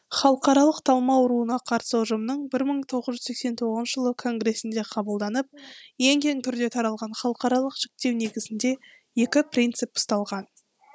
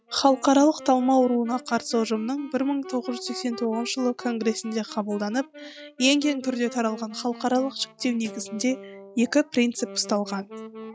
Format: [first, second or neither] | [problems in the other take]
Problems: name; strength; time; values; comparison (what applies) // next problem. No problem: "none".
first | noise reduction (classical method log-MMSE)